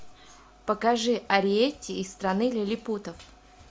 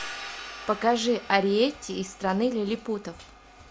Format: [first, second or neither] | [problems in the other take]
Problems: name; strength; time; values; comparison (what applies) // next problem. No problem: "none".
first | background sound (Hi-hat); 16 dB below the speech